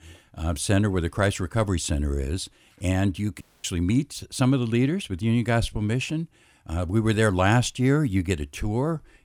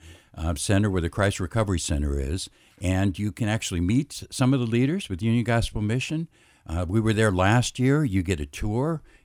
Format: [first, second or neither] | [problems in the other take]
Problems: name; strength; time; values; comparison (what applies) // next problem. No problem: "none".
second | audio cutting out; at 3.5 s